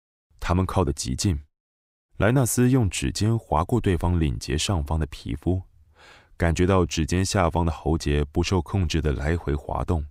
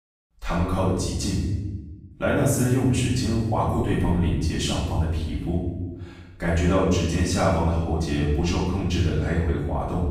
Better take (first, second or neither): first